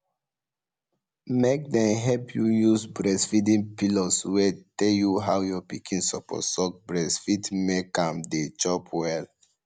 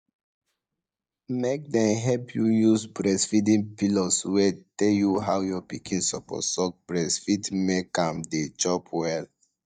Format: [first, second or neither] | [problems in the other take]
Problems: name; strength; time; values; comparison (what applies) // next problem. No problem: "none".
first | noise reduction (neural mask model DeepFilterNet 3)